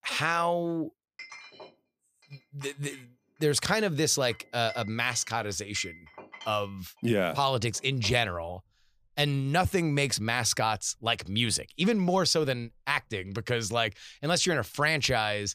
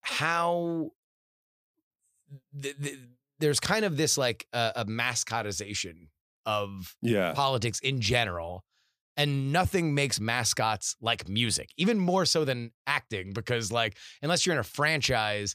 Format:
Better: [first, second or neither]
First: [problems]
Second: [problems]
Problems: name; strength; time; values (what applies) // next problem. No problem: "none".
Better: second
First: household noises; faint; throughout; 20 dB below the speech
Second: none